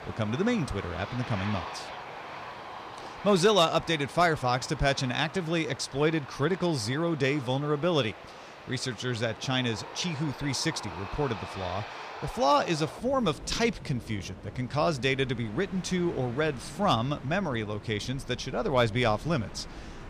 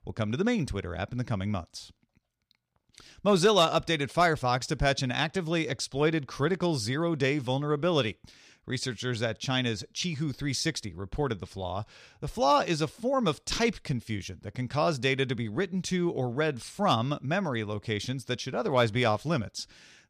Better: second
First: train or aircraft noise; noticeable; throughout; 15 dB below the speech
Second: none

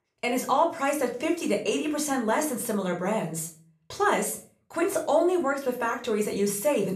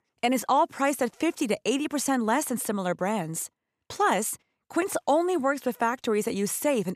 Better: second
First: room echo; slight; dies away in 0.3 s // off-mic speech; somewhat distant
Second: none

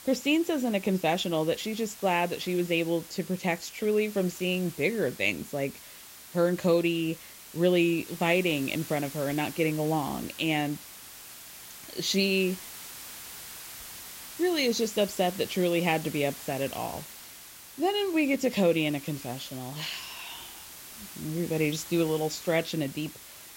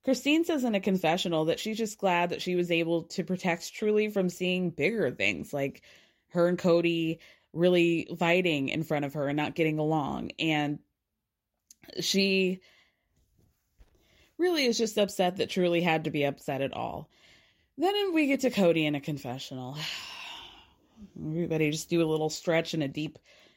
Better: second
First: hiss; noticeable; throughout; 15 dB below the speech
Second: none

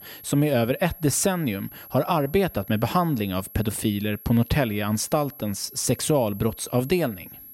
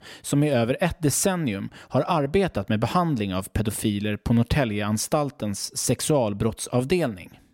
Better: second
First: high-pitched whine; noticeable; throughout; 11.5 kHz, 15 dB below the speech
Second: none

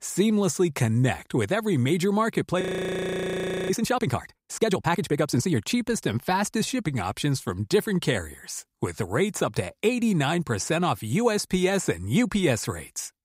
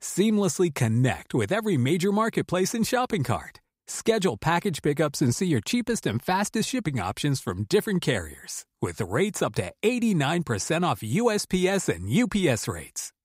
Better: second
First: audio freezing; at 2.5 s for 1 s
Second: none

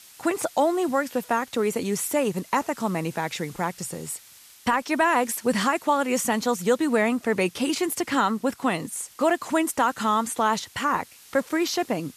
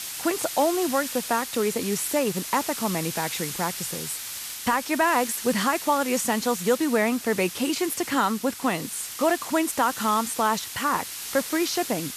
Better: first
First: hiss; faint; throughout; 25 dB below the speech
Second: hiss; loud; throughout; 7 dB below the speech

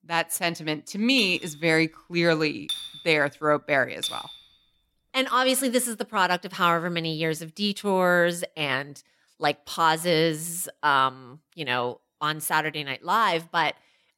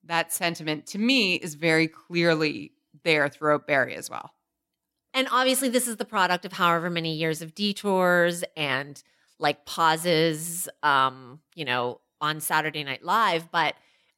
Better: second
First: clattering dishes; noticeable; from 1 to 4.5 s; peak 7 dB below the speech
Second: none

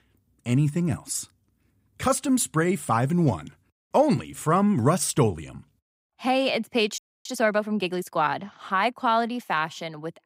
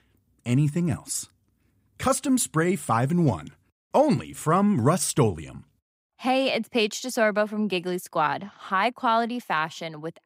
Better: second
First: audio freezing; at 7 s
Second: none

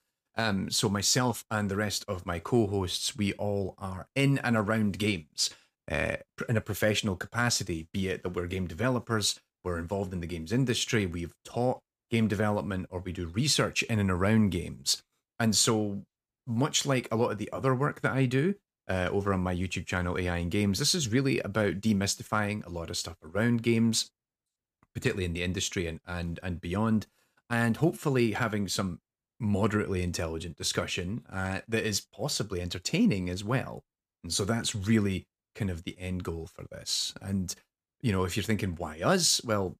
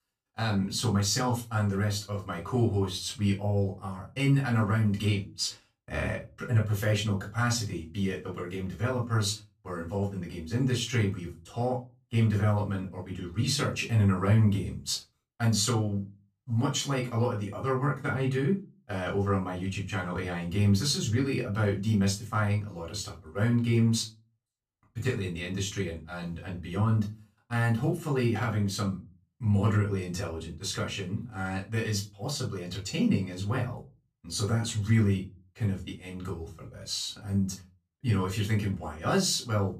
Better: first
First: none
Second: off-mic speech; far // room echo; very slight; dies away in 0.2 s

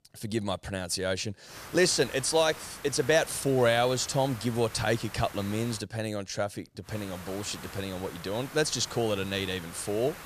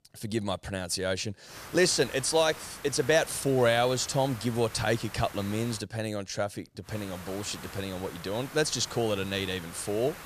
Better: neither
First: hiss; noticeable; from 1.5 to 6 s and from 7 s on; 15 dB below the speech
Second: hiss; noticeable; from 1.5 to 6 s and from 7 s on; 15 dB below the speech

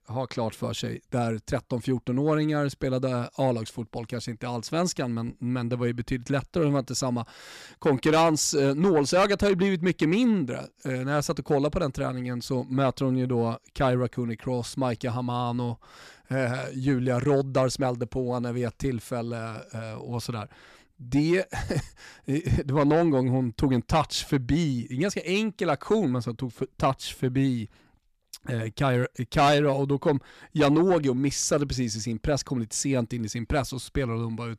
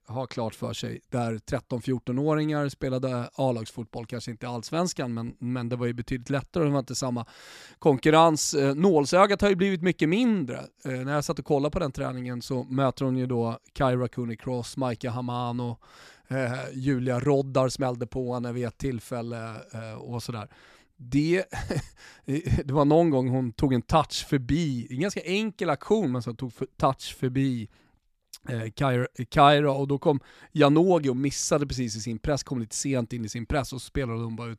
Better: second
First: distortion; slight; 10 dB below the speech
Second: none

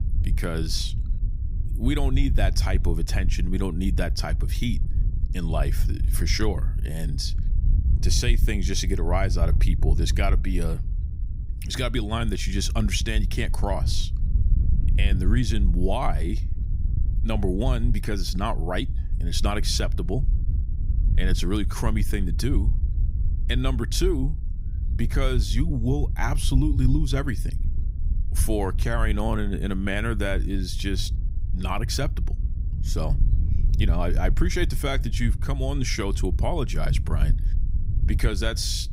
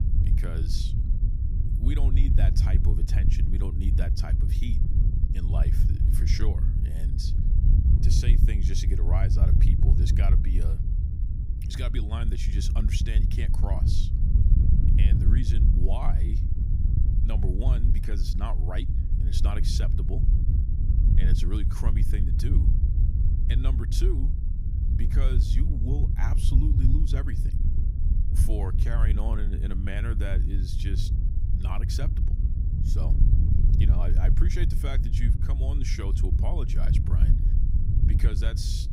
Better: first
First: wind noise on the microphone; occasional gusts; 15 dB below the speech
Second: wind noise on the microphone; heavy; 2 dB below the speech

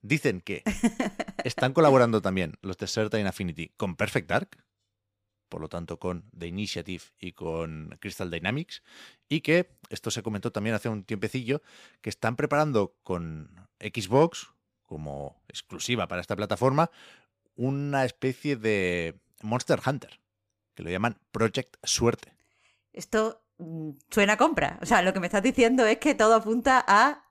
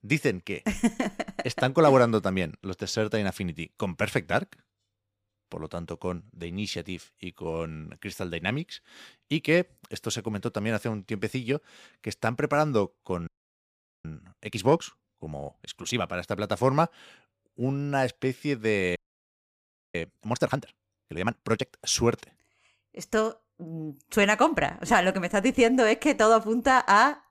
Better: first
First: none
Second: audio freezing; at 13 s for 1 s and at 19 s for 1 s

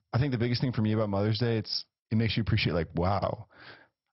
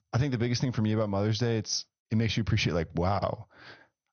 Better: second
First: garbled, watery; badly; nothing above 5.5 kHz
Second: garbled, watery; slightly; nothing above 6.5 kHz

